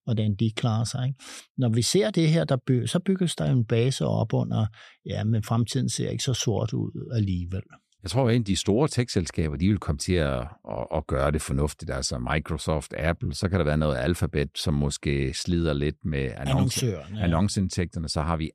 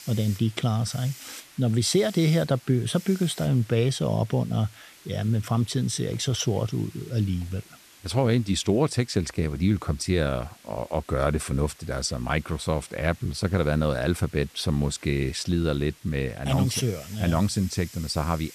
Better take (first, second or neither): first